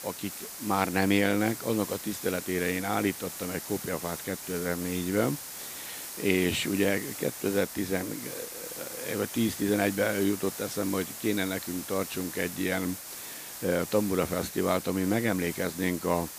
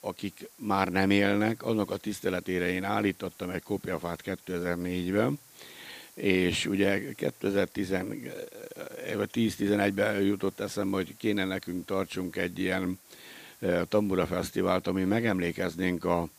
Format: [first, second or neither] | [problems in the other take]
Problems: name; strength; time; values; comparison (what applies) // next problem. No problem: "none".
second | hiss; loud; throughout; 8 dB below the speech; faint in the second